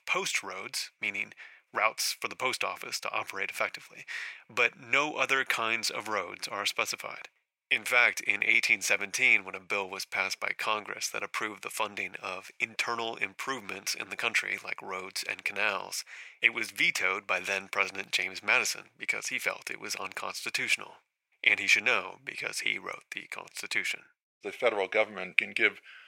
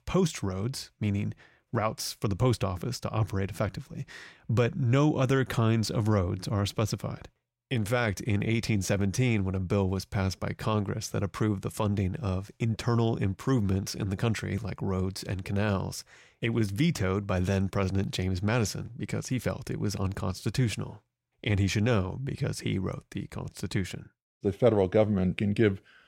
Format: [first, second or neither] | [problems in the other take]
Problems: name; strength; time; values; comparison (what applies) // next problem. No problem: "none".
second | thin; very; fading below 800 Hz